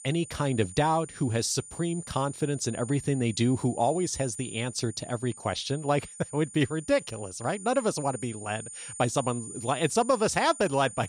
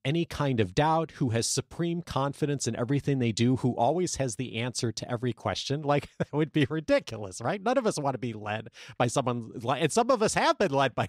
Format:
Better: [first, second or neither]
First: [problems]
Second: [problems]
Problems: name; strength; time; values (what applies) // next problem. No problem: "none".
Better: second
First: high-pitched whine; noticeable; throughout; 9 kHz, 15 dB below the speech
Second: none